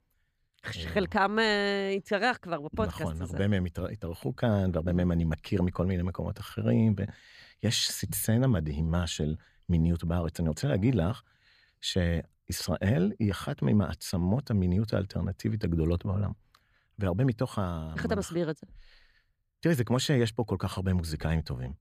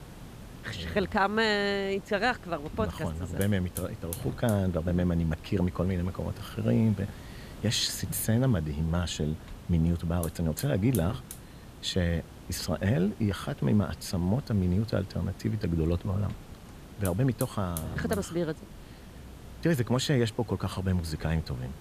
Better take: first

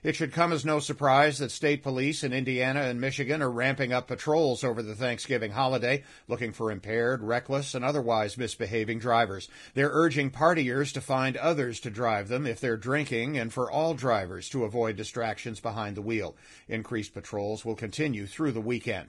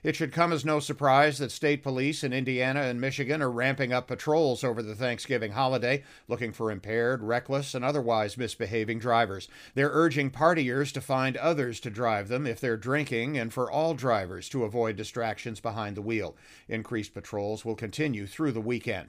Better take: second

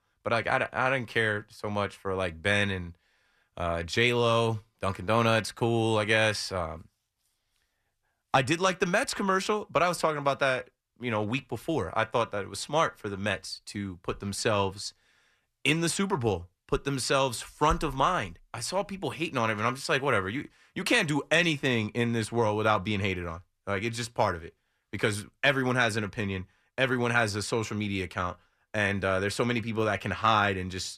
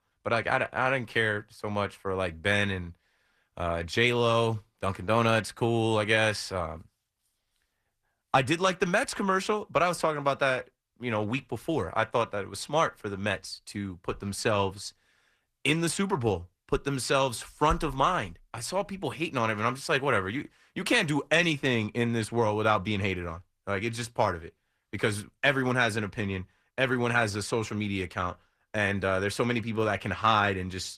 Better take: first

